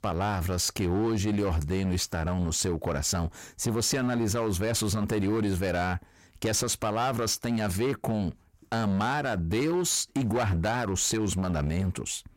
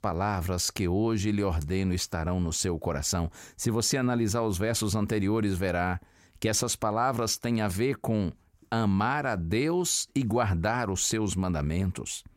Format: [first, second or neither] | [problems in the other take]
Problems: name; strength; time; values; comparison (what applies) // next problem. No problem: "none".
second | distortion; slight; 14% of the sound clipped